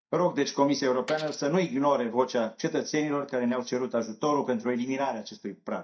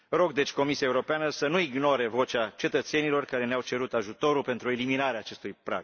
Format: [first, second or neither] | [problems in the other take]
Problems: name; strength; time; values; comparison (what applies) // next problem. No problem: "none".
second | noise reduction (neural mask model DeepFilterNet 3)